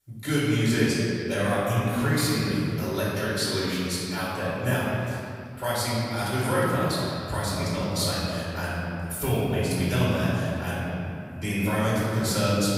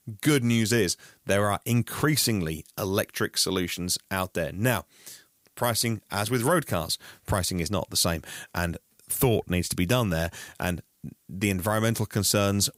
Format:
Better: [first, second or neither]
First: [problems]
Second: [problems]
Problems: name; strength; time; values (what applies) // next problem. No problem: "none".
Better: second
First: room echo; strong; dies away in 2.3 s // off-mic speech; far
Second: none